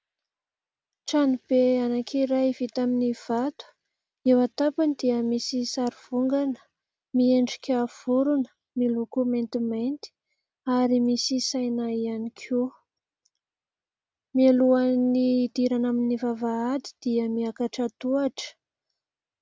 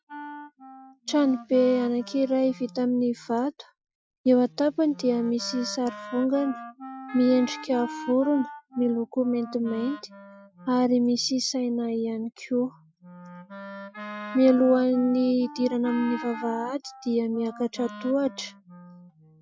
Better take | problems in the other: first | noise reduction (classical method Wiener filter)

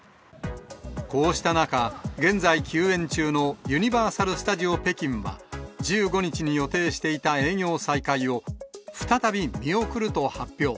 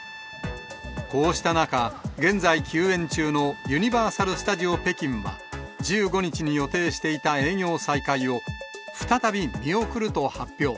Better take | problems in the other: first | background sound (Trumpet); 18 dB below the speech

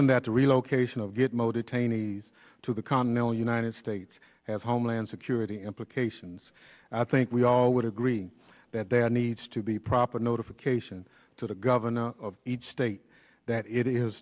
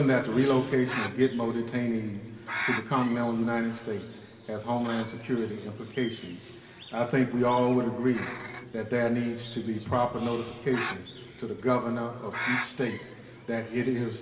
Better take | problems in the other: first | background sound (Bird); 12 dB below the speech // room echo; dies away in 2.1 s

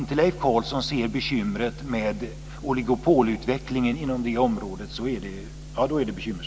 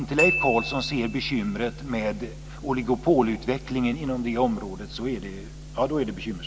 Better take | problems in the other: first | background sound (Glockenspiel); 6 dB below the speech

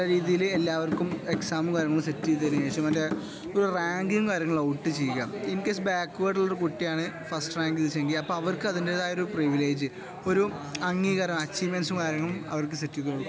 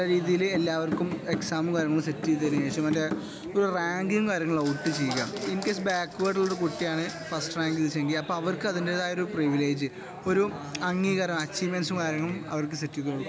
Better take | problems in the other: first | background sound (Applause / Clapping); 13 dB below the speech

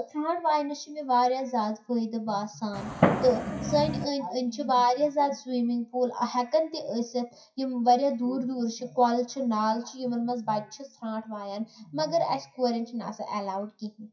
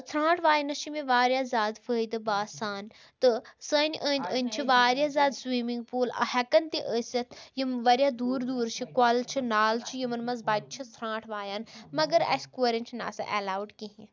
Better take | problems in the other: second | noise reduction (classical method WPE with log-MMSE)

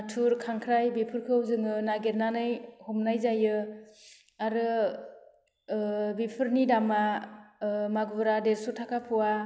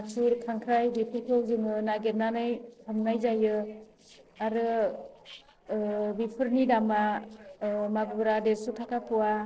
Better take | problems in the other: first | noise reduction (neural separator model SepFormer DNS4)

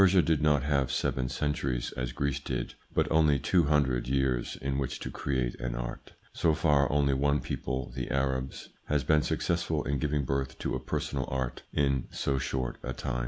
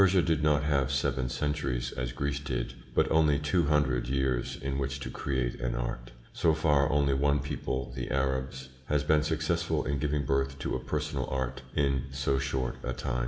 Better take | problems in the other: first | room echo; dies away in 1 s

